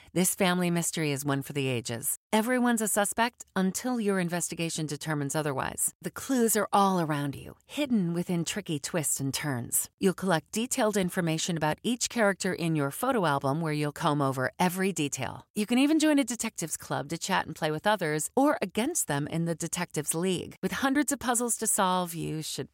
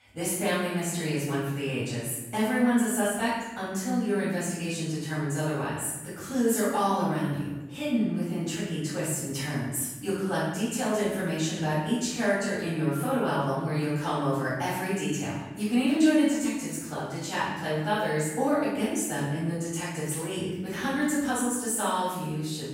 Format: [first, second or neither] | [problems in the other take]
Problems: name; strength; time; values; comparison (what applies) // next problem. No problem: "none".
first | room echo; strong; dies away in 1.1 s // off-mic speech; far